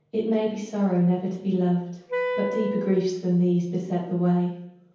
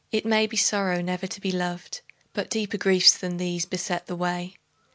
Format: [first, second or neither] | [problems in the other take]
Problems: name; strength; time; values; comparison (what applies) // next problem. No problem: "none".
second | background sound (Wind instrument, woodwind instrument); 6 dB below the speech // room echo; dies away in 0.9 s